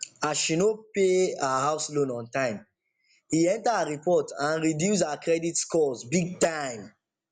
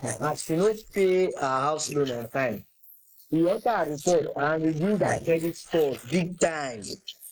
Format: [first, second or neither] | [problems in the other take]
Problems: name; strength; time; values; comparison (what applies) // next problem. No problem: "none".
first | noise reduction (neural mask model Resemble Enhance denoiser)